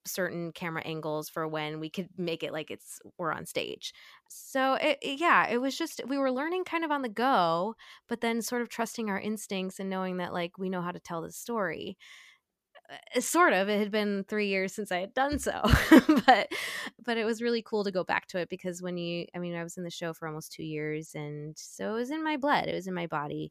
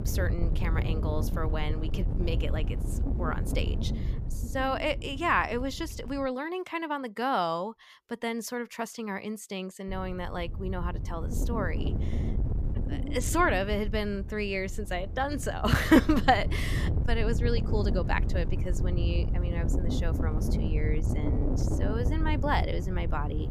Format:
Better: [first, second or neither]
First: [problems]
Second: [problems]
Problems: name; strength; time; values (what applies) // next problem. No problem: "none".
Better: first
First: none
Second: wind noise on the microphone; occasional gusts; until 6.5 s and from 10 s on; 10 dB below the speech